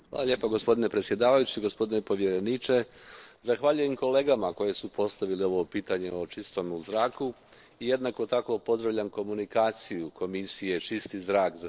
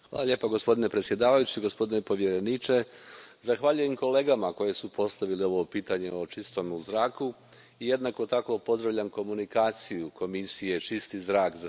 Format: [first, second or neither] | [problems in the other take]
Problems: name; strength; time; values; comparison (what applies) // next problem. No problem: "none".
second | noise reduction (neural separator model SepFormer DNS4)